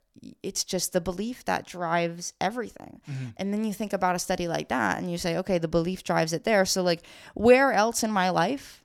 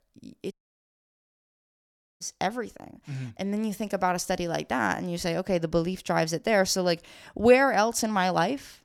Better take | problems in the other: first | audio cutting out; at 0.5 s for 1.5 s

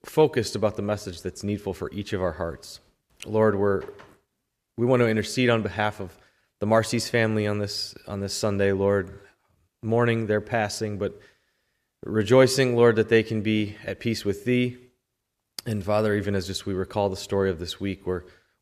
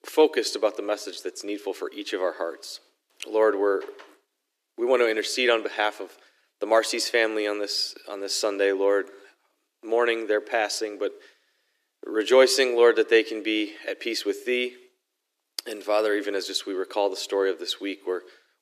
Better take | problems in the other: first | thin; somewhat; fading below 300 Hz

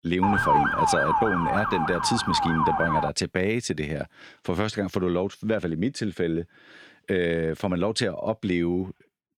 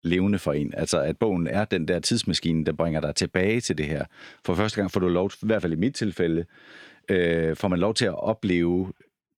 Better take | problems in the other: second | siren; loud; until 3 s; peak 6 dB above the speech

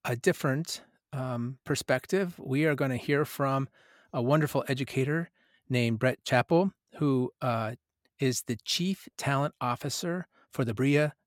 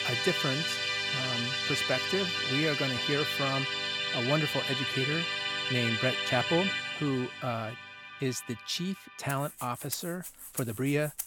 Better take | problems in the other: first | background music; very loud; throughout; 3 dB above the speech

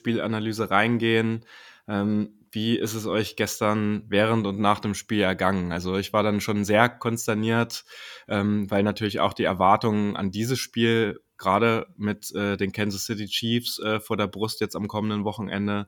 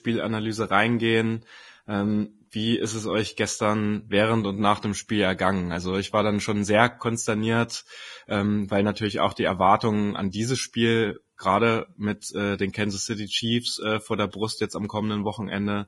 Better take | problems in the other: first | garbled, watery; badly; nothing above 10.5 kHz

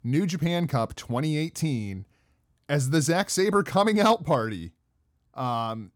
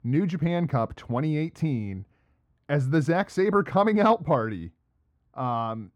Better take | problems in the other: first | muffled; very; fading above 3.5 kHz

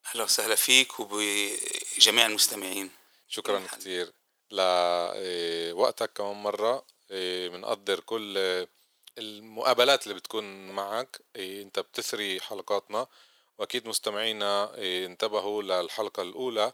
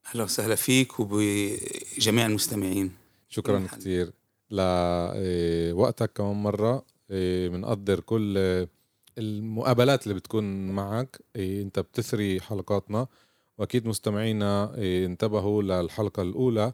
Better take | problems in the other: second | thin; very; fading below 650 Hz

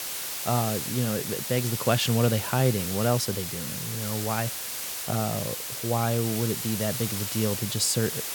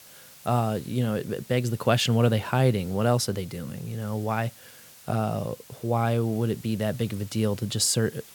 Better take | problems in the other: second | hiss; loud; throughout; 3 dB below the speech; faint in the second

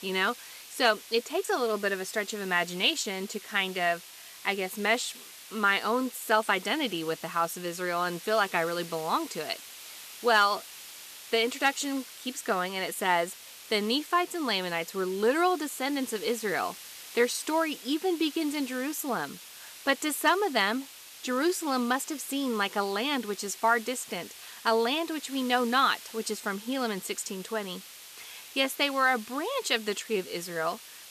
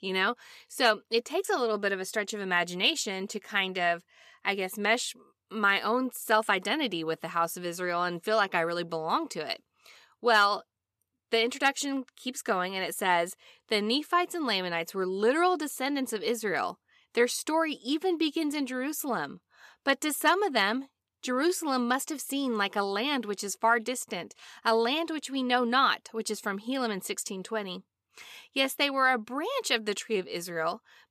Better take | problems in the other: second | hiss; noticeable; throughout; 15 dB below the speech

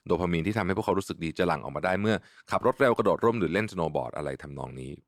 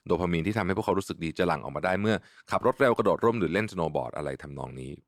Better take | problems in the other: neither | none

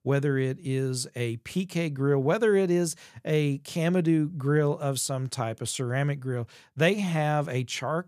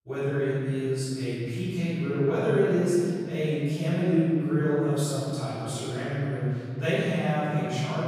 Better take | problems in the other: first | off-mic speech; far // room echo; strong; dies away in 2.4 s

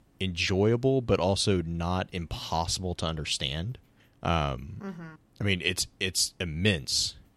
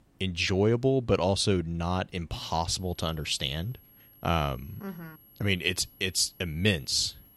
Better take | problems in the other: first | high-pitched whine; faint; from 3 s on; 11.5 kHz, 25 dB below the speech

